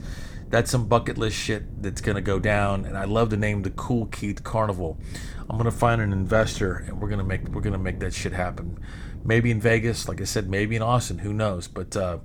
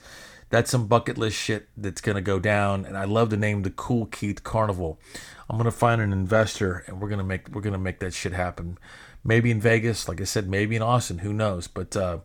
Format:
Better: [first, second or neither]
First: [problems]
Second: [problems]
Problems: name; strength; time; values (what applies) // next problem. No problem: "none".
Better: second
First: wind noise on the microphone; occasional gusts; 20 dB below the speech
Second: none